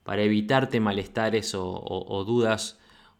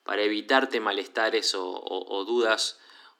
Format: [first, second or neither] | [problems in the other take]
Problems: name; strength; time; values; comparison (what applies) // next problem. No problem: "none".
first | thin; somewhat; fading below 250 Hz